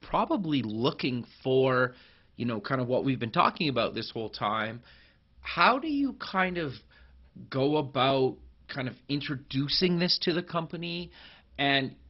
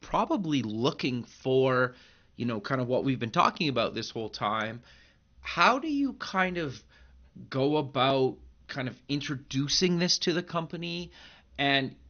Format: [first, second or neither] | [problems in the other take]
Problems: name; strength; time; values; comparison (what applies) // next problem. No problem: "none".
second | garbled, watery; badly; nothing above 5.5 kHz; slightly in the second